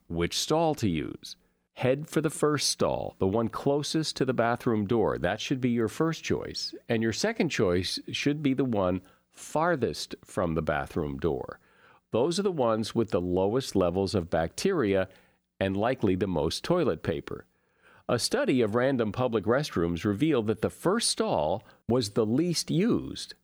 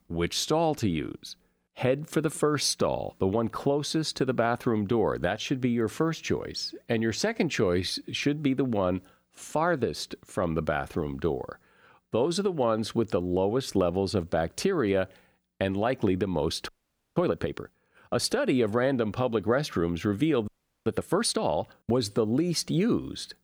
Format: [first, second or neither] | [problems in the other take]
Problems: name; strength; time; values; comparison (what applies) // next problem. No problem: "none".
first | audio freezing; at 17 s and at 20 s